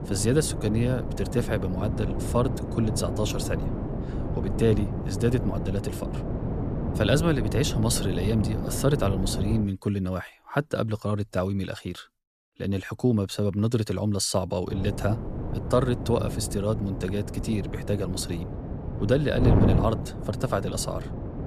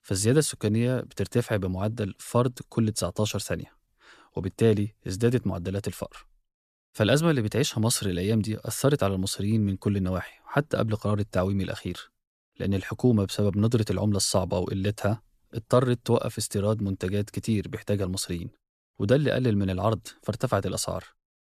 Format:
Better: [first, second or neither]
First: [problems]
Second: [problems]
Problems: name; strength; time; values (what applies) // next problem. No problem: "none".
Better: second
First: wind noise on the microphone; heavy; until 9.5 s and from 15 s on; 7 dB below the speech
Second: none